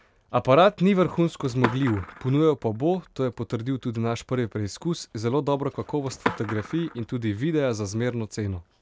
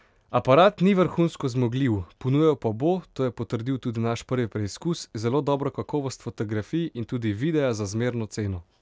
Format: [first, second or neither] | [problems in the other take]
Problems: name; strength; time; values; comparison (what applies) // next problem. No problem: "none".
second | background sound (Skateboard); 14 dB below the speech